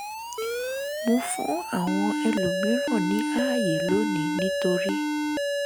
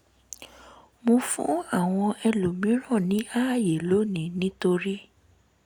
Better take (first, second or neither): second